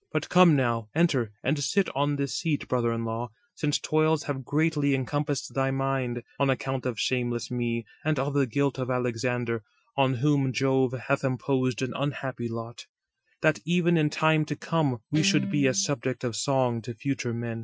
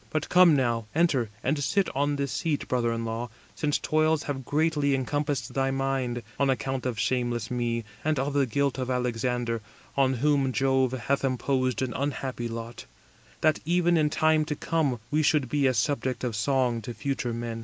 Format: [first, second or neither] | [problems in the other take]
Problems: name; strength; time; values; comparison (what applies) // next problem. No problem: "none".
second | noise reduction (classical method Wiener filter)